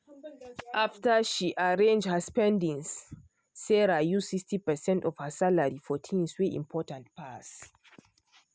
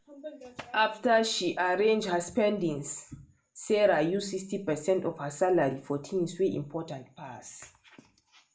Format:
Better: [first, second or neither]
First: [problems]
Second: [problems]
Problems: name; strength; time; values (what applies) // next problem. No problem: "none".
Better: first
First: none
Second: room echo; dies away in 0.4 s